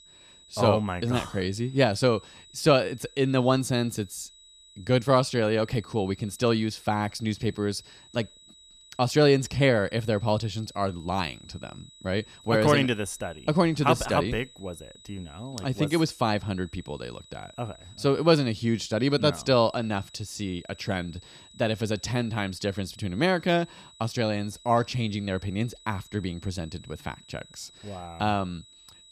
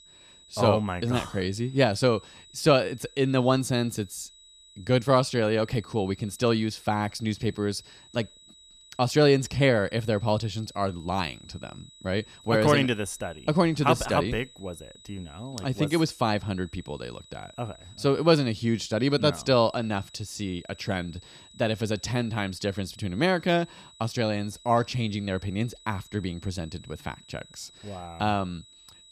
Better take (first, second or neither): neither